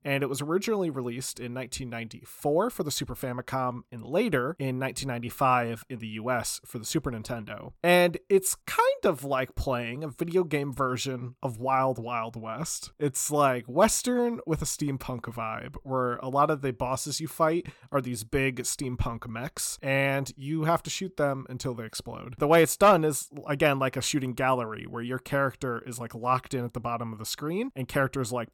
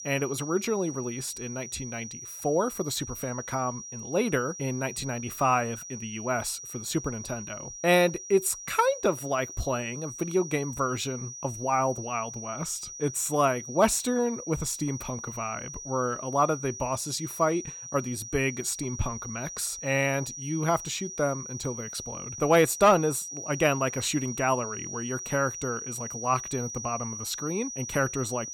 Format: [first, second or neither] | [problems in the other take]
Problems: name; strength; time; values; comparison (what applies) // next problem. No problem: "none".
first | high-pitched whine; loud; throughout; 6 kHz, 9 dB below the speech